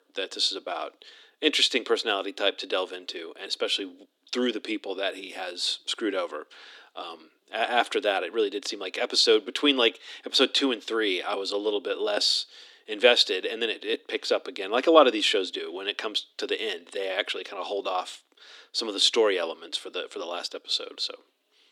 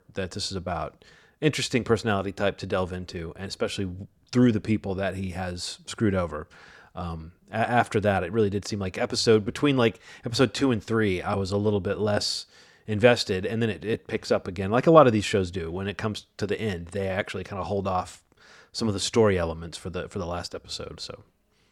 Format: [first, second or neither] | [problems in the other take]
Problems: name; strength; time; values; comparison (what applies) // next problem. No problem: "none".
second | thin; somewhat; fading below 250 Hz